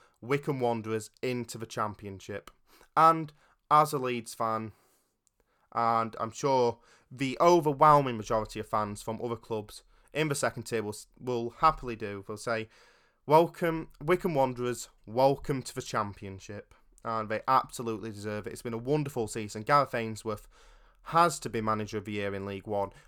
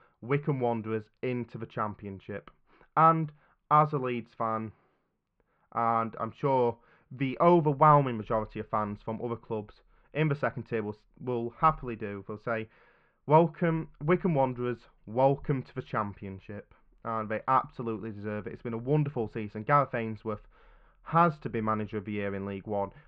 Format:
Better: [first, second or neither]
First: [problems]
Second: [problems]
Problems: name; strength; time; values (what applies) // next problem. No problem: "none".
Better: first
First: none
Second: muffled; very; fading above 2.5 kHz